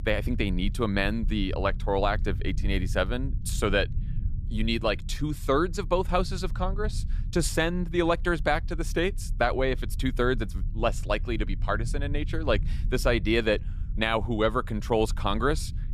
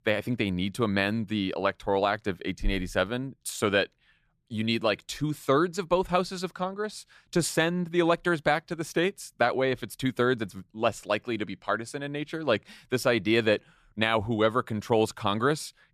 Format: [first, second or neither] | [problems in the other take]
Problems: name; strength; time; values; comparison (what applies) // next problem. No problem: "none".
second | low rumble; faint; throughout; 20 dB below the speech